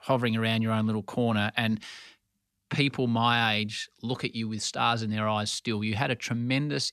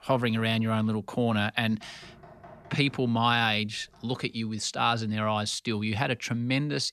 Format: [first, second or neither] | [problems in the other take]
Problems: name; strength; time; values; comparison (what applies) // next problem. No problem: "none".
first | household noises; faint; throughout; 25 dB below the speech